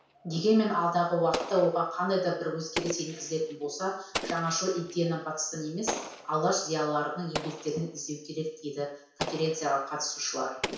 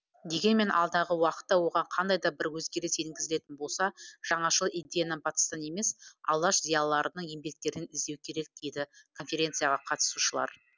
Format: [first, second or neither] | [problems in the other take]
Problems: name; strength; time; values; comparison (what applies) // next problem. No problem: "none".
second | background sound (Explosion); 11 dB below the speech // room echo; dies away in 0.6 s